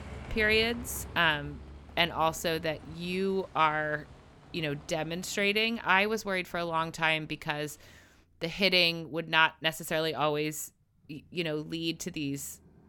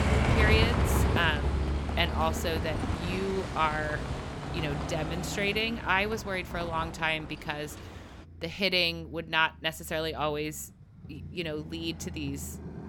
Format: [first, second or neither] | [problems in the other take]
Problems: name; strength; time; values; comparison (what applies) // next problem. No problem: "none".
first | traffic noise; loud; throughout; 1 dB below the speech; faint in the first